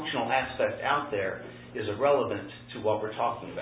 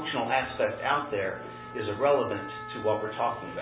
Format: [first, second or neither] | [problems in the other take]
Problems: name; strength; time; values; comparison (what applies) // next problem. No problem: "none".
first | background sound (Trumpet); 13 dB below the speech